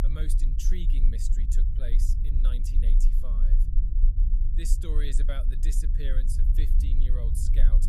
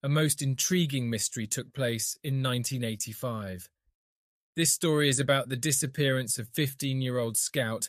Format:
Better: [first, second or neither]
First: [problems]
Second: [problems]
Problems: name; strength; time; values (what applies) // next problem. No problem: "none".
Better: second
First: low rumble; loud; throughout; 5 dB below the speech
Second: none